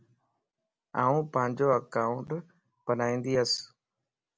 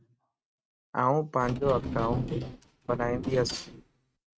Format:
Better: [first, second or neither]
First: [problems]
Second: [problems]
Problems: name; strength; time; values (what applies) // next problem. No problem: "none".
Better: first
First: none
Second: noise reduction (neural mask model RNNoise)